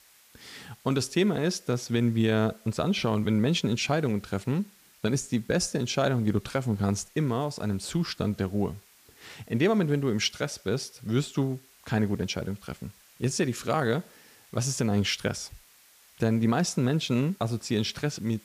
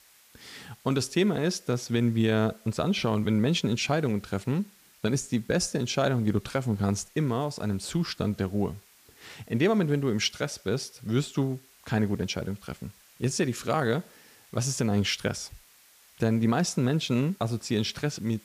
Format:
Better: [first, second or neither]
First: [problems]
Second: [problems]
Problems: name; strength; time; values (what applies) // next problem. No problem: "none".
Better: neither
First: hiss; faint; throughout; 25 dB below the speech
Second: hiss; faint; throughout; 25 dB below the speech